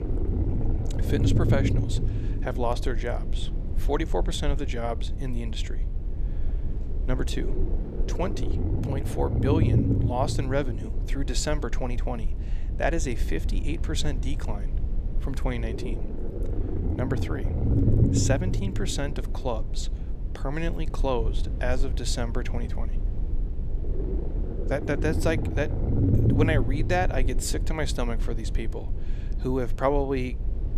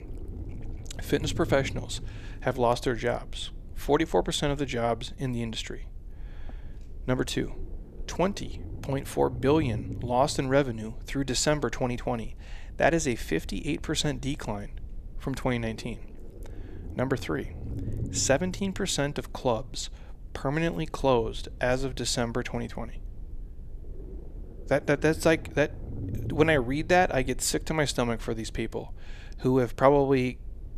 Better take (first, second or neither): second